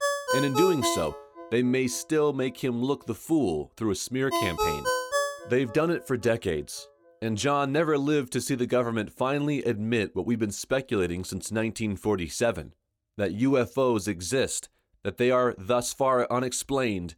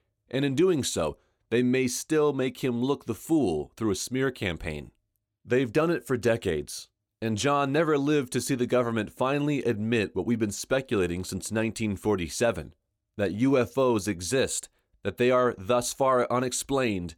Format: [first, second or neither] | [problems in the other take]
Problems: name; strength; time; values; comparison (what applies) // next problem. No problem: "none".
second | phone ringing; loud; until 5.5 s; peak 1 dB above the speech